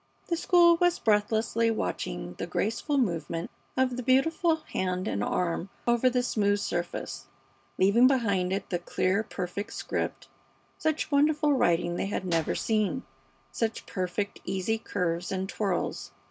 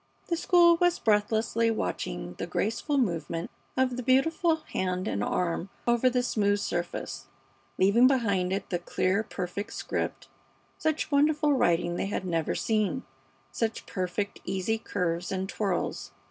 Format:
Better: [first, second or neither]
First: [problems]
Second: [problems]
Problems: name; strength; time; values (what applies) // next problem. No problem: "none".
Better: second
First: background sound (Clapping / Drum kit); 18 dB below the speech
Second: none